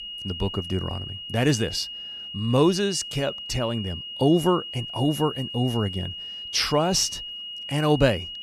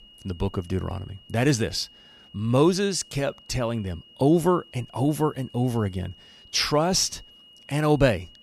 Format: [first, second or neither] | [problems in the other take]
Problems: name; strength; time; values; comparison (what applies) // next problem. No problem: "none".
second | high-pitched whine; loud; throughout; 3 kHz, 9 dB below the speech; faint in the second